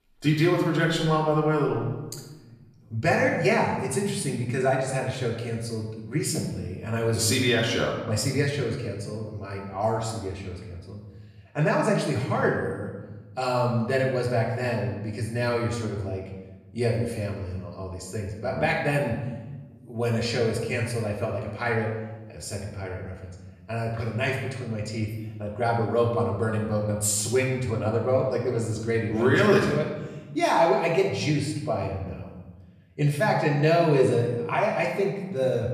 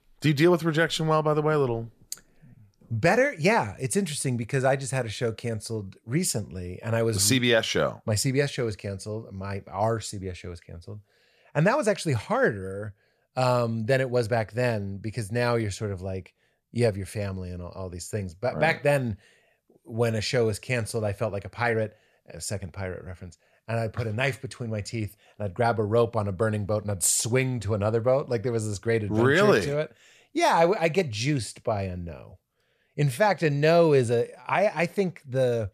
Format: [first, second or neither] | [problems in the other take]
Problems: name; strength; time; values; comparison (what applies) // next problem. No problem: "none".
second | off-mic speech; far // room echo; noticeable; dies away in 1 s